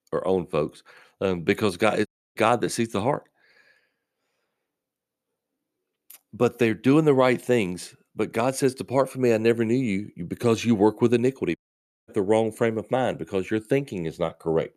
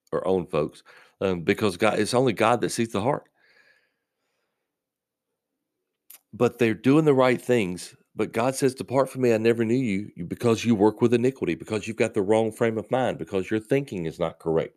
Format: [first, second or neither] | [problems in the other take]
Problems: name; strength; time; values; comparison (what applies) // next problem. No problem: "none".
second | audio cutting out; at 2 s and at 12 s for 0.5 s